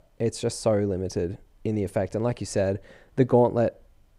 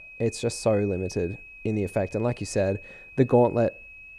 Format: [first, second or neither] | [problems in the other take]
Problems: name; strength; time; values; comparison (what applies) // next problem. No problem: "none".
first | high-pitched whine; noticeable; throughout; 2.5 kHz, 15 dB below the speech